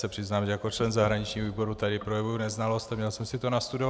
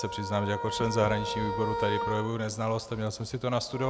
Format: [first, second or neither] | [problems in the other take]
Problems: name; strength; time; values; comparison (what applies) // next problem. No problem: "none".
first | background sound (Wind instrument, woodwind instrument); 6 dB below the speech